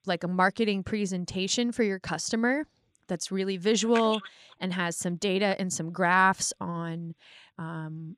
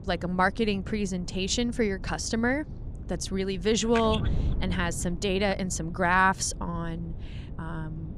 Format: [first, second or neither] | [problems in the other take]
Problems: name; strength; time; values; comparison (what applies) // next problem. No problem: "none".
first | wind noise on the microphone; occasional gusts; 20 dB below the speech